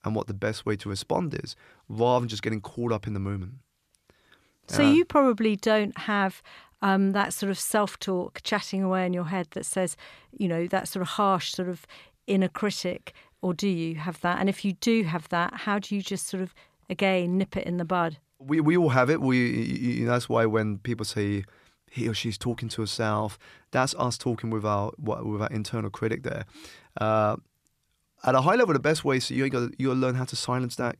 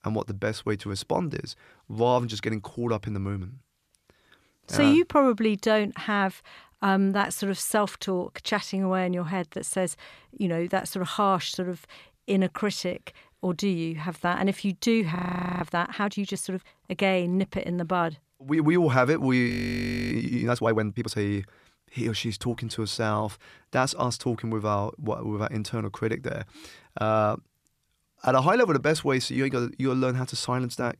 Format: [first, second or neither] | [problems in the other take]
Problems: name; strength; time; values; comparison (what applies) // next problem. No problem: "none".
first | audio freezing; at 15 s and at 19 s for 0.5 s